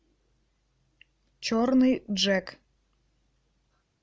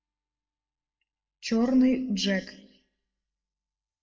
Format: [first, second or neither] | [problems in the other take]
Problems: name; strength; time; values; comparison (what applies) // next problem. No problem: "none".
first | noise reduction (neural mask model DeepFilterNet 3)